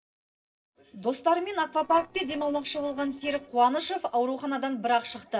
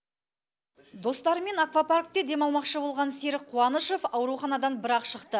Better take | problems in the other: second | noise reduction (neural separator model SepFormer DNS4)

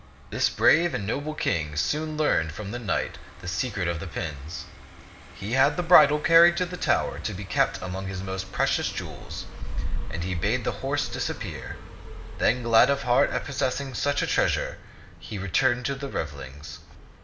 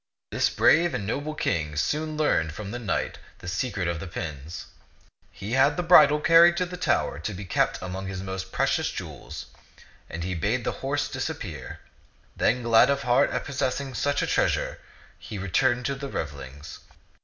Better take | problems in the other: second | background sound (Car passing by); 10 dB below the speech

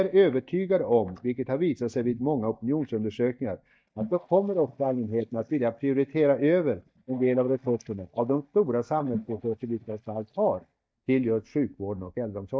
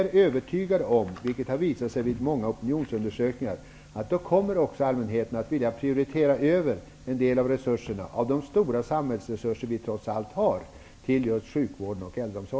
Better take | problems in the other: second | noise reduction (neural mask model DeepFilterNet 3)

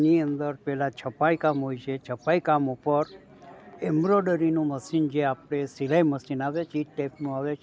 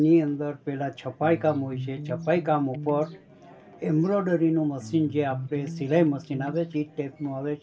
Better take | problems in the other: first | background sound (Electric guitar); 11 dB below the speech // room echo; dies away in 0.2 s

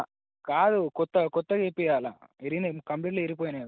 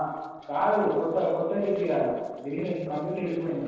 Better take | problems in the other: first | noise reduction (neural separator model SepFormer DNS4)

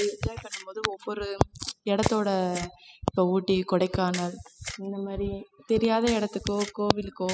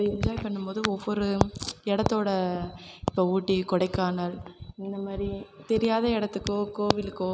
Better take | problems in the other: second | noise reduction (classical method spectral subtraction)

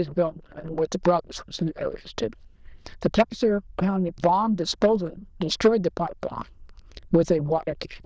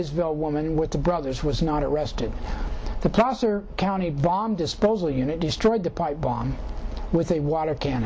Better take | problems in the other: second | noise reduction (neural diffusion model UNIVERSE++)

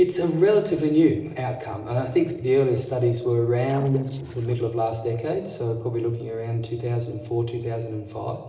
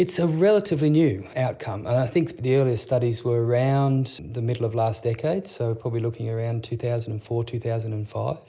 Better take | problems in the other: second | noise reduction (neural separator model SepFormer DNS4)

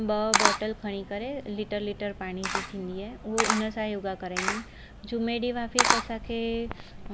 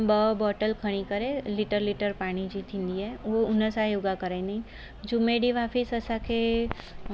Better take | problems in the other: second | background sound (Camera); as loud as the speech

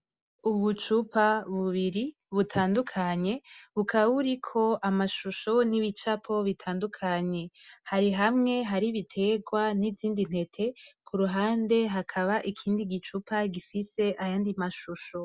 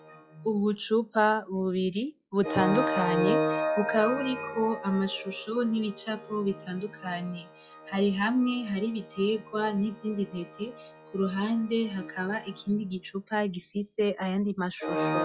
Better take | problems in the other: first | noise reduction (classical method log-MMSE)

